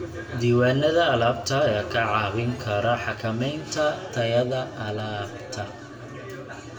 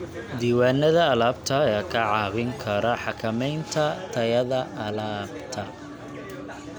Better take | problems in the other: second | room echo; dies away in 0.7 s

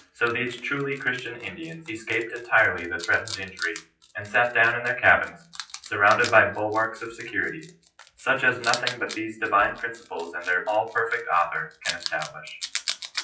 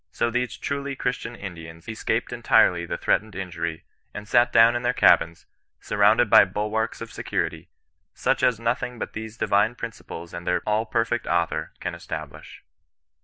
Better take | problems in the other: second | noise reduction (classical method WPE with log-MMSE)

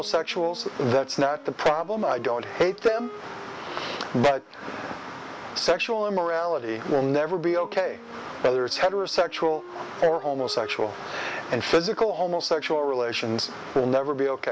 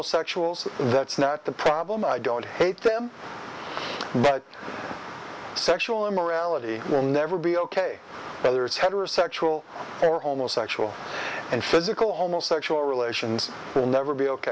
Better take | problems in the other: second | background sound (Wind instrument, woodwind instrument); 20 dB below the speech

